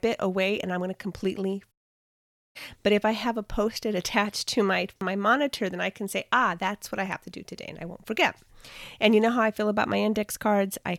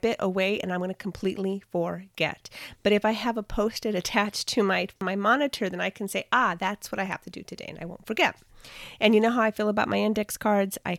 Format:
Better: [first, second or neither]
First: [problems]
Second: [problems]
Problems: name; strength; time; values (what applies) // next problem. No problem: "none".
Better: second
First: audio cutting out; at 1.5 s for 1 s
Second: none